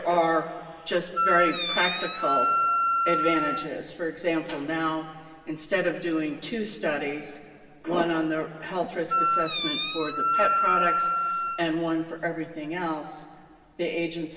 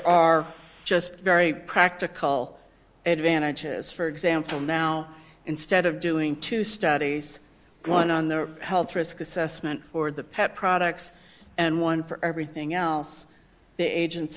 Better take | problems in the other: second | background sound (Wind instrument, woodwind instrument); 3 dB above the speech // room echo; dies away in 2.1 s

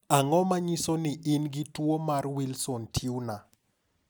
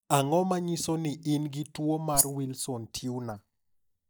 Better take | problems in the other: first | noise reduction (neural mask model DeepFilterNet 3)

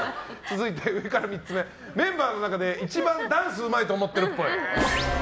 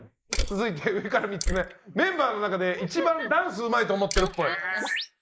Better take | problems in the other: first | noise reduction (neural mask model Resemble Enhance denoiser)

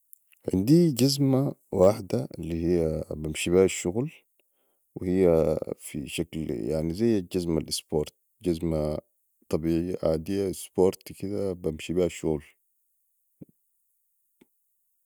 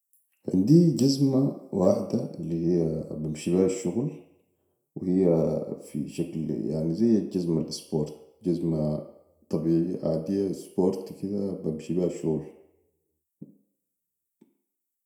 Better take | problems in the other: first | room echo; dies away in 0.6 s

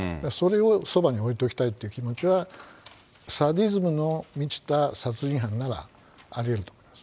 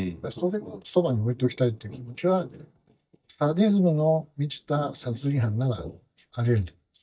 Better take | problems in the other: first | noise reduction (neural mask model DeepFilterNet 3)

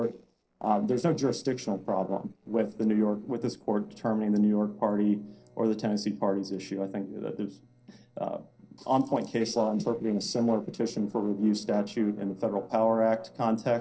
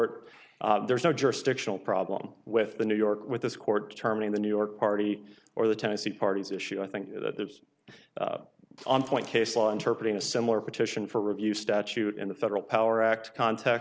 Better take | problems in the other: second | noise reduction (neural separator model SepFormer DNS4)

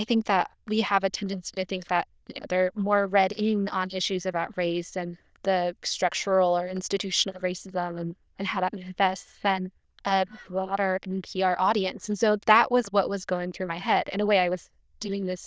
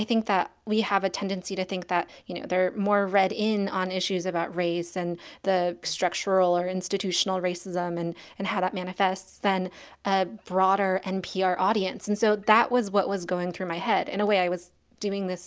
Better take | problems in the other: second | noise reduction (neural diffusion model UNIVERSE++)

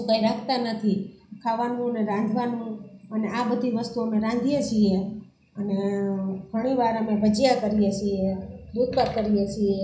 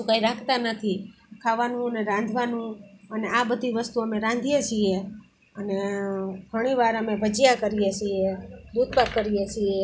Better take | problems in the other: second | room echo; dies away in 0.5 s

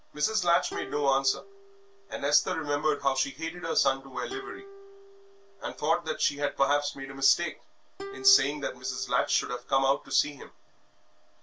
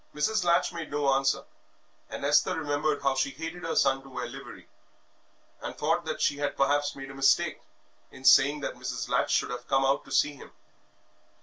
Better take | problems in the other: second | background sound (Plucked string instrument); 17 dB below the speech

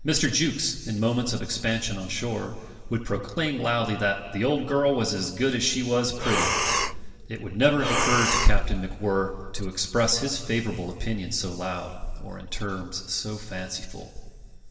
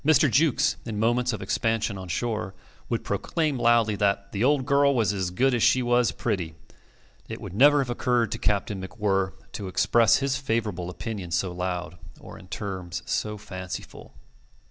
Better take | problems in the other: second | background sound (Breathing); as loud as the speech // room echo; dies away in 2.5 s

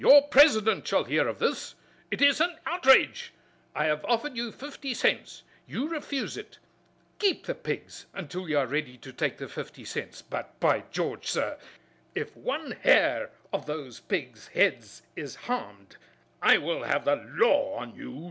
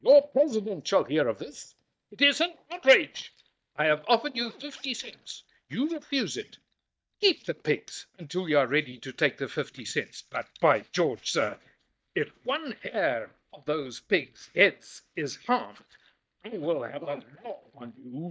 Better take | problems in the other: first | noise reduction (neural mask model DeepFilterNet 3)

